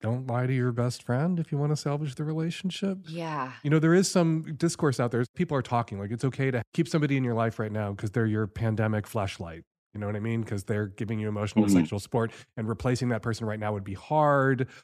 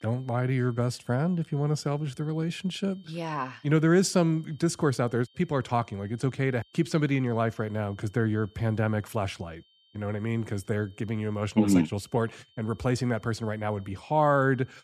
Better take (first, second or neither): first